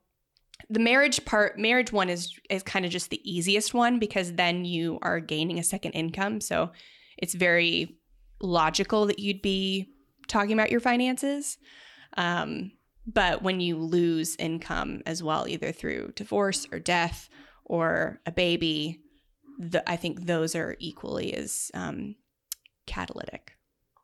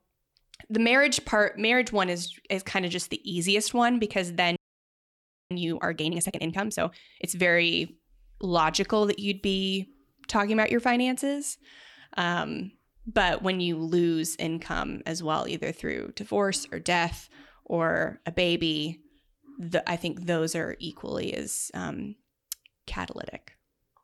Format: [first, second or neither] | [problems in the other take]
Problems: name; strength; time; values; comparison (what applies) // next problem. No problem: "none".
first | audio freezing; at 4.5 s for 1 s